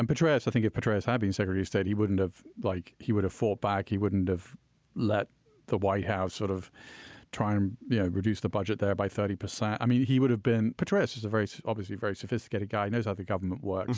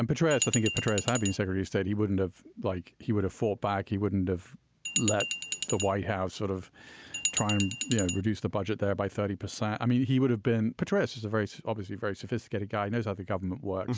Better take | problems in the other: first | background sound (Glass); 3 dB below the speech

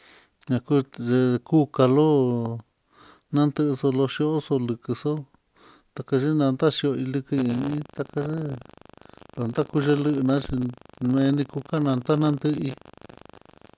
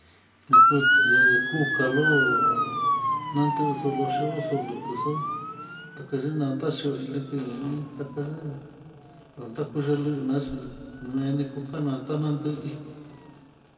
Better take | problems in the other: first | background sound (Motor vehicle (road) / Siren); 2 dB above the speech // room echo; dies away in 2.2 s

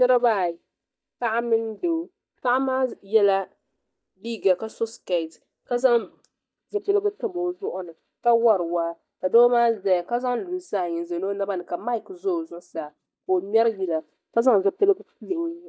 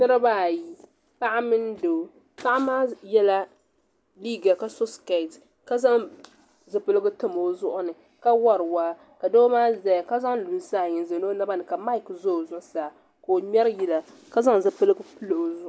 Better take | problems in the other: second | noise reduction (neural mask model DeepFilterNet 3)

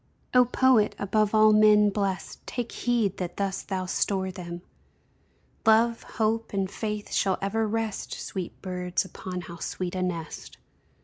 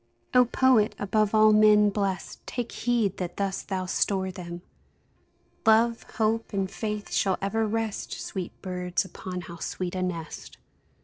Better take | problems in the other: first | noise reduction (neural separator model SepFormer DNS4)

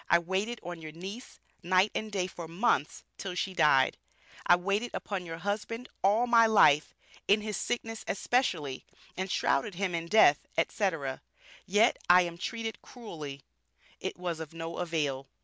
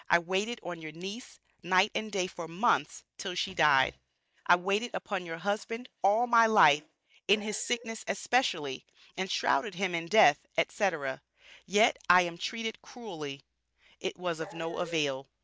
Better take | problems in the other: first | noise reduction (neural mask model DeepFilterNet 3)

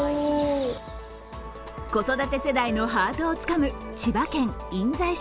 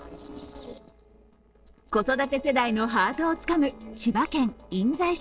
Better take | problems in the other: first | noise reduction (neural separator model SepFormer DNS4)

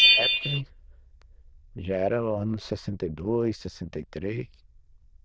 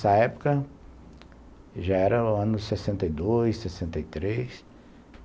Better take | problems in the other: second | noise reduction (neural diffusion model UNIVERSE++)

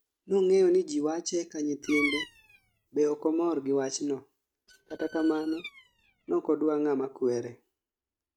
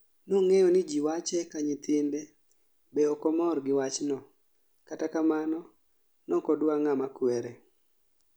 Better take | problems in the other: second | noise reduction (neural mask model RNNoise)

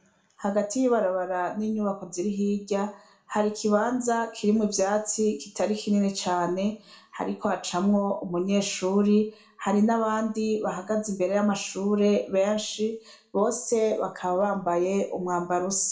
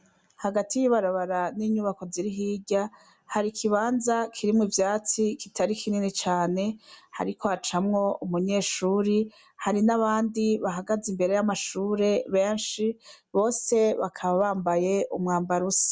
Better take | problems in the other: second | room echo; dies away in 0.4 s

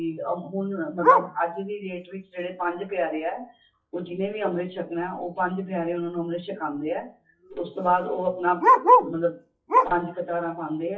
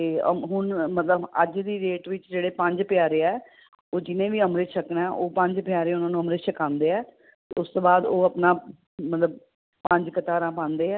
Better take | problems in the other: second | noise reduction (classical method WPE with log-MMSE)

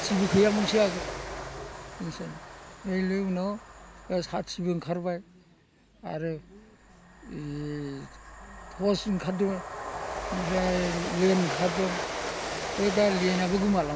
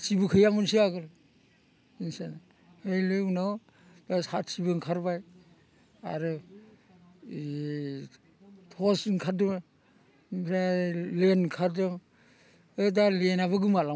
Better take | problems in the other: second | background sound (Train); 7 dB below the speech

